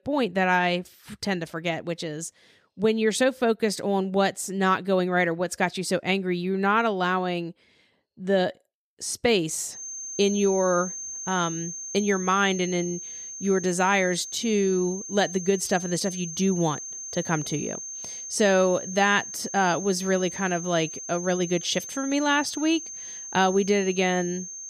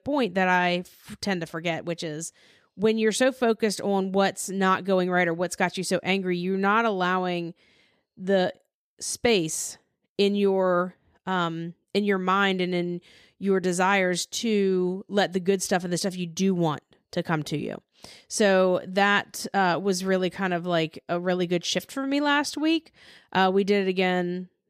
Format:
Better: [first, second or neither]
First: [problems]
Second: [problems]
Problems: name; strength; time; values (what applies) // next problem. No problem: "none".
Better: second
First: high-pitched whine; loud; from 10 s on; 6.5 kHz, 9 dB below the speech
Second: none